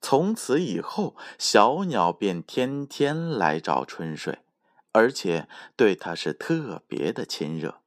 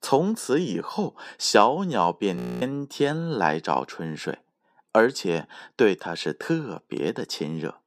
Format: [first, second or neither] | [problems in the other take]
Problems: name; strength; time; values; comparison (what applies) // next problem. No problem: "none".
first | audio freezing; at 2.5 s